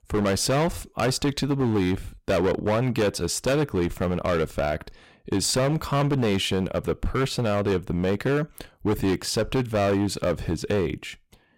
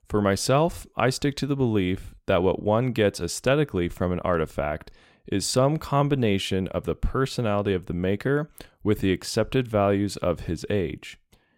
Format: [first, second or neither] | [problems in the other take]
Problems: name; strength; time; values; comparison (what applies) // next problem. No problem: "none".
second | distortion; heavy; 14% of the sound clipped